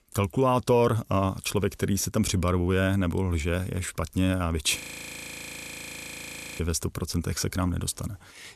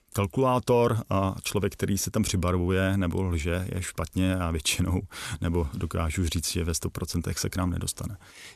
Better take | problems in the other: second | audio freezing; at 5 s for 2 s

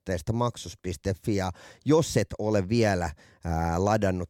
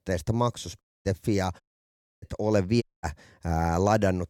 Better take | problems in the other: first | audio cutting out; at 1 s, at 1.5 s for 0.5 s and at 3 s

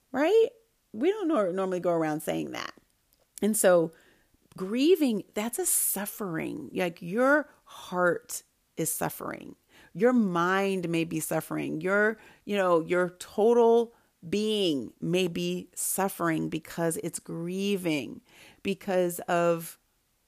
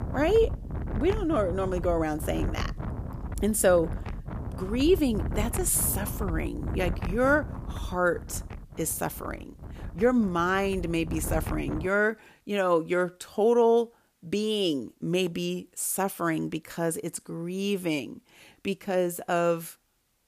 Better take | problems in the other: first | wind noise on the microphone; occasional gusts; until 12 s; 15 dB below the speech

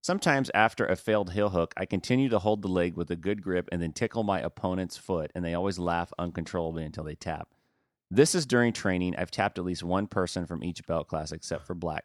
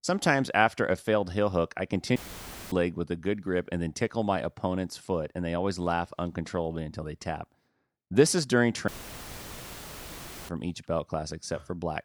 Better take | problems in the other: first | audio cutting out; filled with static; at 2 s for 0.5 s and at 9 s for 1.5 s

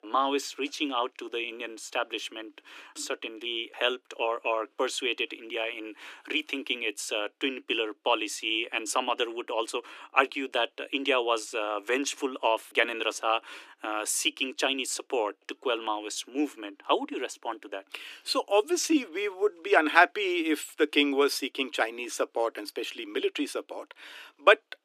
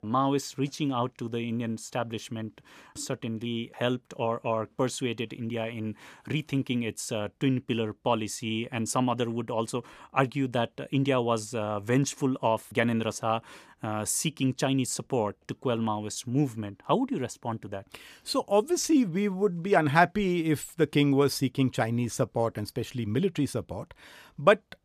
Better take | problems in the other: second | thin; somewhat; fading below 300 Hz

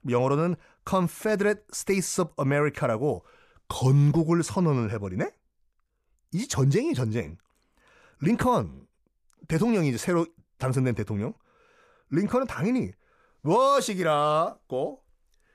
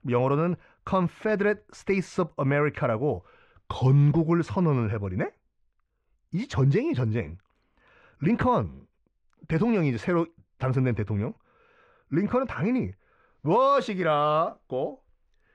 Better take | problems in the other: first | muffled; slightly; fading above 2.5 kHz

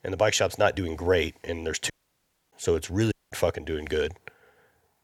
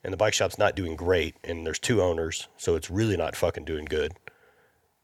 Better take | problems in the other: second | audio cutting out; at 2 s for 0.5 s and at 3 s

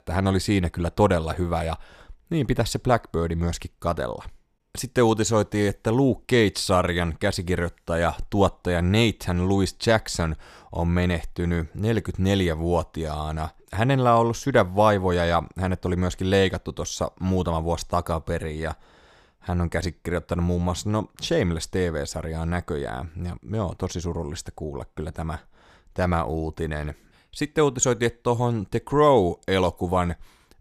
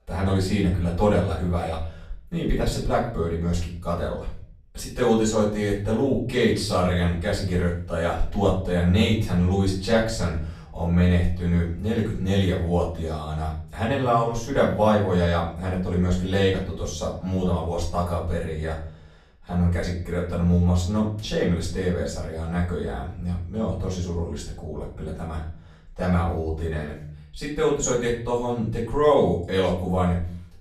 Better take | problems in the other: first | off-mic speech; far // room echo; noticeable; dies away in 0.6 s

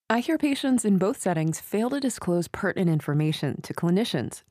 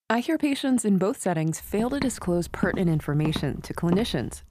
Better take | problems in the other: first | footsteps; noticeable; from 1.5 s on; peak 8 dB below the speech

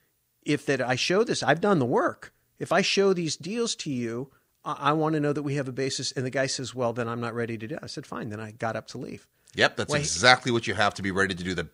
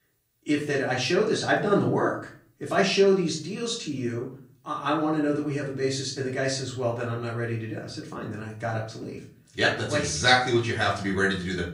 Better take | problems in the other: first | off-mic speech; far // room echo; slight; dies away in 0.4 s

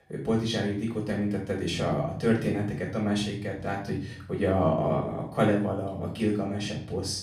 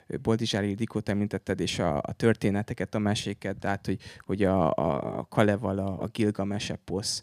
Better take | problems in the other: second | off-mic speech; far // room echo; slight; dies away in 0.5 s

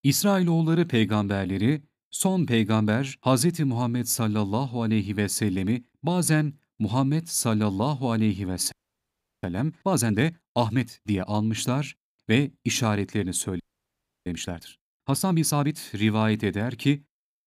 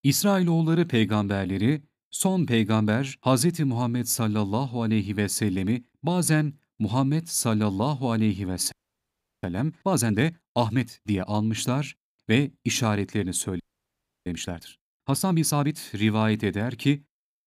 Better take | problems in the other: neither | audio freezing; at 8.5 s for 0.5 s and at 14 s for 0.5 s; the same in both

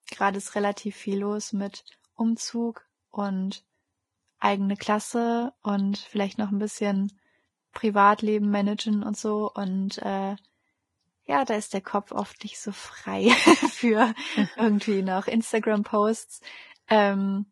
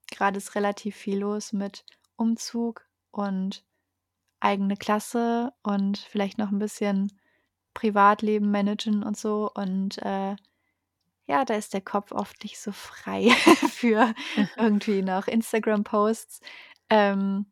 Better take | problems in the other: second | garbled, watery; badly; nothing above 11 kHz

